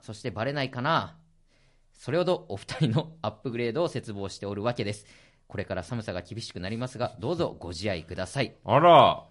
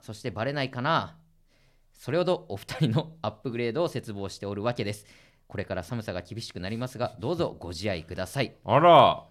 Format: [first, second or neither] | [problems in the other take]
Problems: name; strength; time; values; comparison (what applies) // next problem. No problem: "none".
second | garbled, watery; slightly; nothing above 10.5 kHz